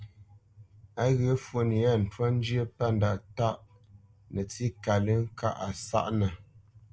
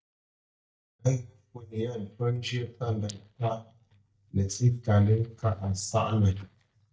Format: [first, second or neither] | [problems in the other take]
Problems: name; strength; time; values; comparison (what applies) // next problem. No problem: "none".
first | noise reduction (neural mask model DeepFilterNet 3)